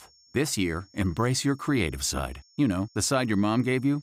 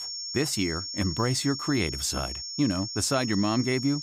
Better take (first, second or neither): first